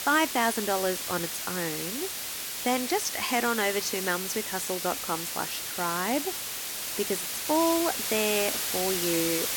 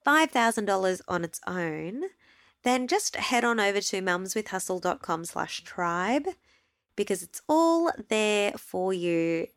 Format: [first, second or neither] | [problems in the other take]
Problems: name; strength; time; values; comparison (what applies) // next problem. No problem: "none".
second | hiss; loud; throughout; 1 dB below the speech